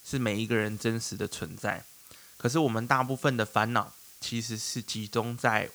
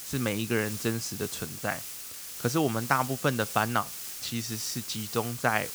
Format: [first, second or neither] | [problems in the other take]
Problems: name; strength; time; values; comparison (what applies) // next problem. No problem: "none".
first | hiss; loud; throughout; 7 dB below the speech; faint in the first